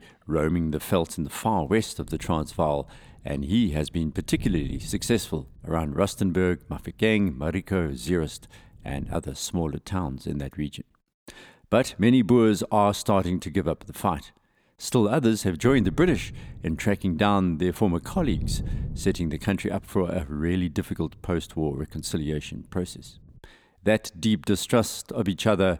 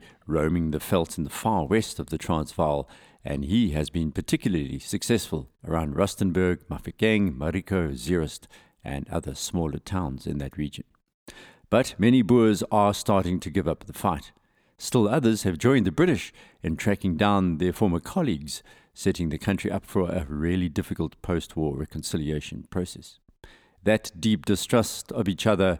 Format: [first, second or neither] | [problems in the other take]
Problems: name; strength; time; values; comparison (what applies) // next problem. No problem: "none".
second | wind noise on the microphone; occasional gusts; from 2 to 9 s and from 16 to 23 s; 25 dB below the speech